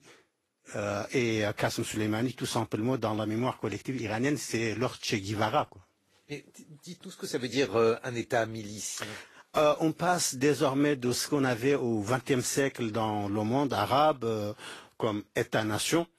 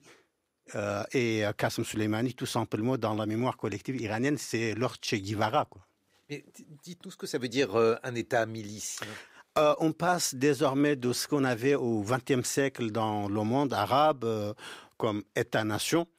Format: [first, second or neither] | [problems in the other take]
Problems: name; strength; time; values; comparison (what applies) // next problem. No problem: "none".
second | garbled, watery; slightly; nothing above 12.5 kHz